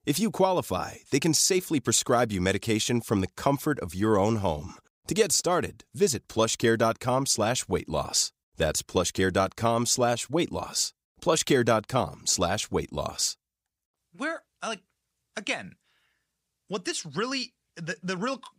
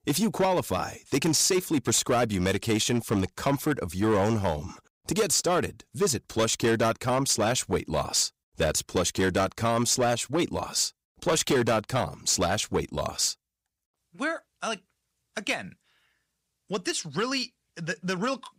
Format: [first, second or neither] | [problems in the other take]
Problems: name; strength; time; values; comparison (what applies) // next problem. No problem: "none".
first | distortion; slight; 7% of the sound clipped